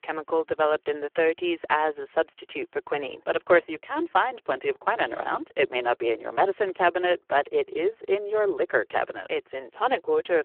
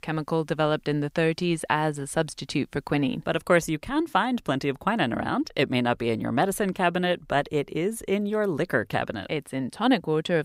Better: second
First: phone-call audio; poor line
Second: none

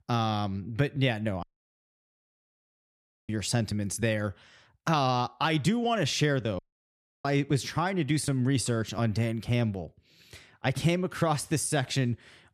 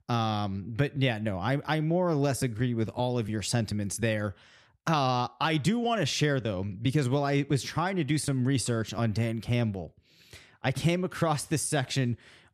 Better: second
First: audio cutting out; at 1.5 s for 2 s and at 6.5 s for 0.5 s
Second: none

